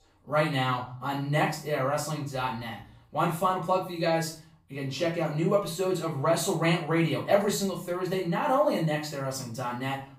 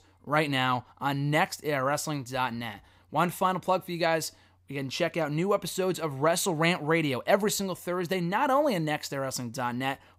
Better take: second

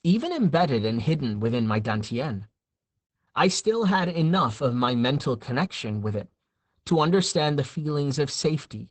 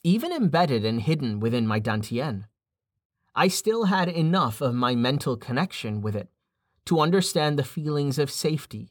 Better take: second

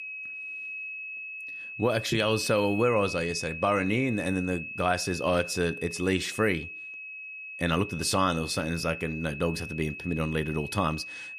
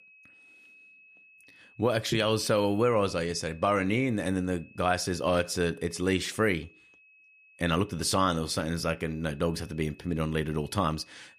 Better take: second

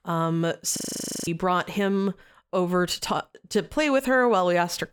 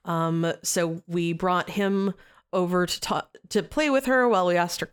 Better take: second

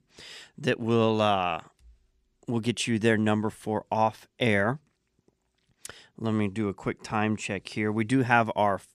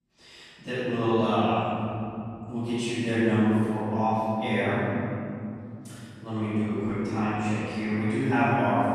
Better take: first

